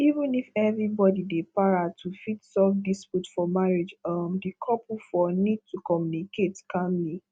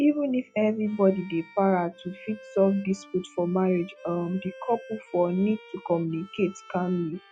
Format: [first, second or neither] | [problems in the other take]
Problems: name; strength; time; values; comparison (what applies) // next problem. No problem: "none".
first | noise reduction (classical method log-MMSE)